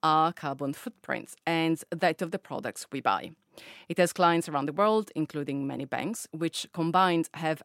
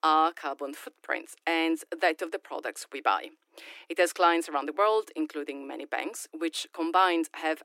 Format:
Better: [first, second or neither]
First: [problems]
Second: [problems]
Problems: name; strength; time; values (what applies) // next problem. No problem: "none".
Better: first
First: none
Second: thin; somewhat; fading below 300 Hz